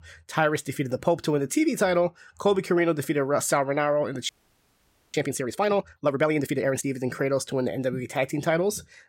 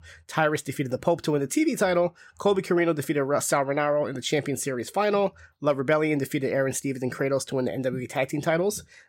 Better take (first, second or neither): second